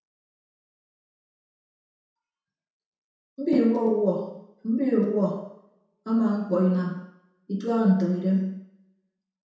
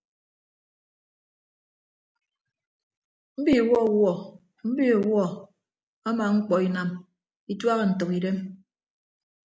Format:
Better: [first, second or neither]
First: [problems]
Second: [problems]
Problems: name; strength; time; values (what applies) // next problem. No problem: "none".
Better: second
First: room echo; dies away in 0.7 s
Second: none